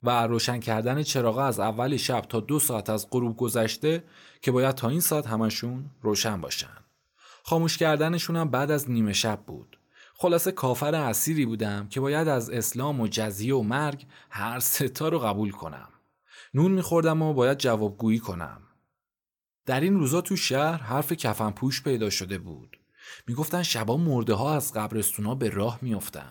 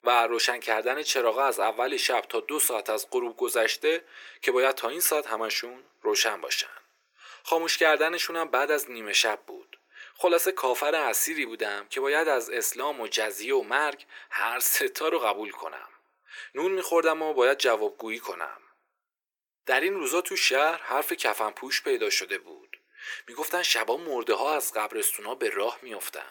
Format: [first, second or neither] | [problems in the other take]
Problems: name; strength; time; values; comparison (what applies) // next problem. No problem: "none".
first | thin; very; fading below 350 Hz